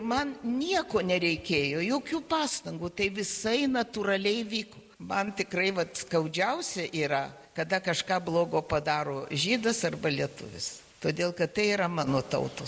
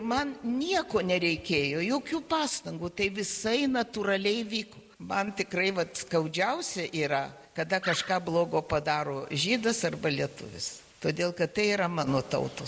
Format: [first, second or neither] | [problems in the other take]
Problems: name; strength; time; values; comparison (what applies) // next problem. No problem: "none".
first | background sound (Animal); 11 dB below the speech